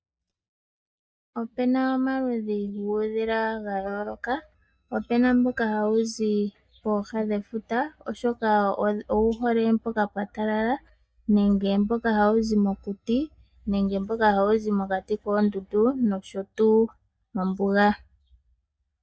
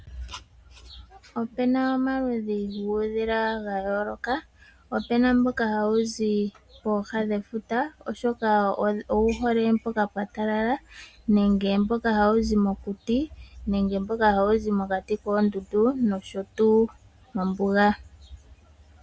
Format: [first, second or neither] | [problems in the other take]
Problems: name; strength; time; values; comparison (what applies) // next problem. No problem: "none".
second | noise reduction (neural mask model DeepFilterNet 3)